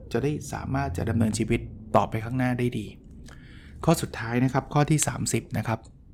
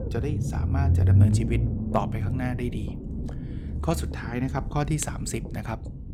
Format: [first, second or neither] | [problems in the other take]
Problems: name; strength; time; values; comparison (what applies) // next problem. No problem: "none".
first | low rumble; loud; throughout; 6 dB below the speech; faint in the first